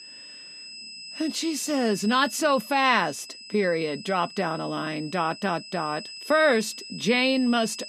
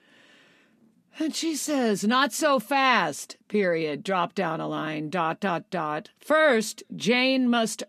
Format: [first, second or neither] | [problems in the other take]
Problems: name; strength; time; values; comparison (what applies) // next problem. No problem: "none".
second | high-pitched whine; noticeable; throughout; 5 kHz, 15 dB below the speech